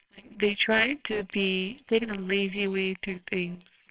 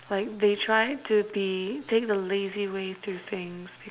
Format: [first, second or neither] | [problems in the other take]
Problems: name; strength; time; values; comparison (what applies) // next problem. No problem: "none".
second | noise reduction (neural separator model SepFormer WHAMR!)